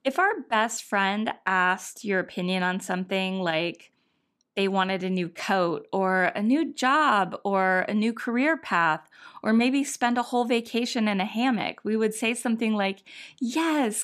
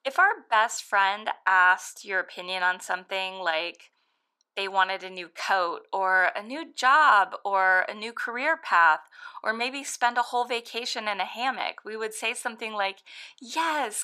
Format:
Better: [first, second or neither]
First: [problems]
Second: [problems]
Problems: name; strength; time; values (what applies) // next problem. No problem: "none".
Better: first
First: none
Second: thin; very; fading below 650 Hz